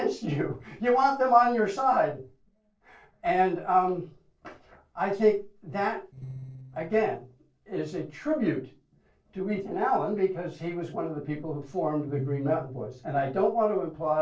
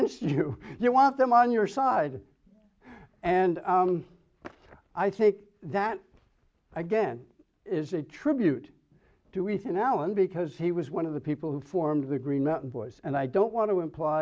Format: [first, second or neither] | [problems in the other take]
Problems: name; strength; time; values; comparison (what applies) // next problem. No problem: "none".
second | noise reduction (neural separator model SepFormer DNS4)